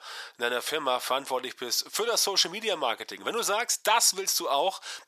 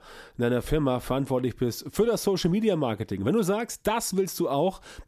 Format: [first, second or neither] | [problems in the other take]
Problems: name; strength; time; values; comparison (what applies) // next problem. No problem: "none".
second | thin; very; fading below 900 Hz